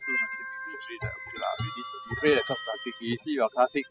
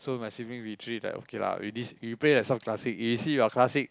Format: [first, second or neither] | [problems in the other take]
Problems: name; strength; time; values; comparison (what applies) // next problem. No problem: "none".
second | noise reduction (classical method spectral subtraction)